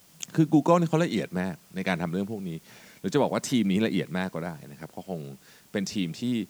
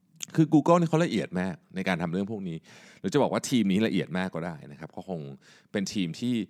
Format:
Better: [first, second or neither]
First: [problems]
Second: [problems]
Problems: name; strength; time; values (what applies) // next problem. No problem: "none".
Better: second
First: hiss; faint; throughout; 30 dB below the speech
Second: none